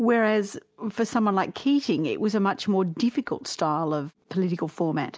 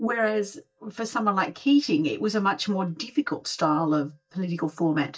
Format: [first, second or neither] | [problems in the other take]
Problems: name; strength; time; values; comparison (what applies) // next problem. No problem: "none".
first | noise reduction (neural mask model DeepFilterNet 3)